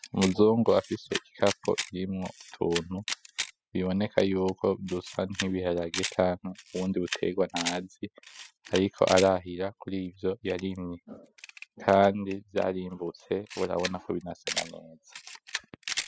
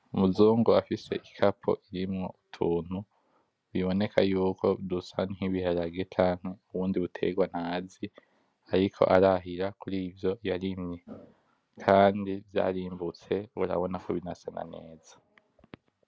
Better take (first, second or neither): second